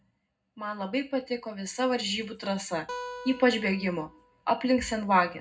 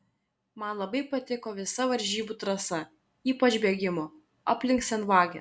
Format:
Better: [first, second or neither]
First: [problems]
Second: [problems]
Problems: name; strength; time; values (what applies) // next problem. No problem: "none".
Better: second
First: background sound (Acoustic guitar); 14 dB below the speech // room echo; dies away in 0.3 s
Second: none